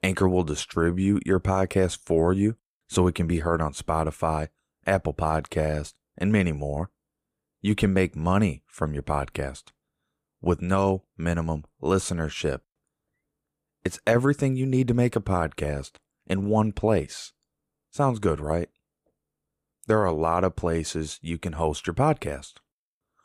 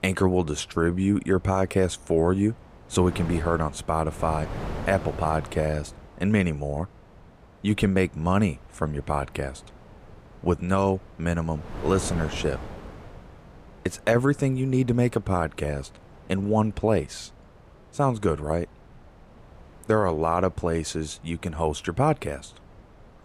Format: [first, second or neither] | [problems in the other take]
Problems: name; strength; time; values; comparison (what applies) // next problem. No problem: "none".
first | wind noise on the microphone; occasional gusts; 20 dB below the speech